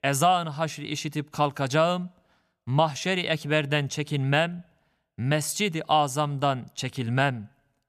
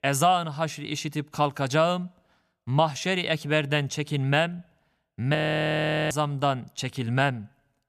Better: first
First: none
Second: audio freezing; at 5.5 s for 1 s

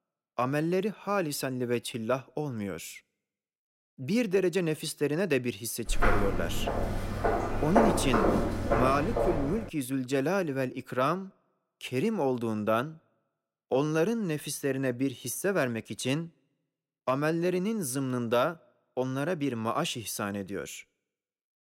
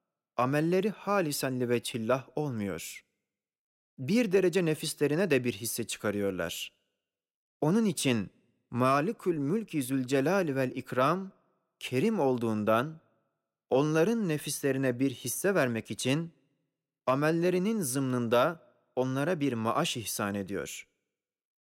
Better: second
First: footsteps; loud; from 6 to 9.5 s; peak 5 dB above the speech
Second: none

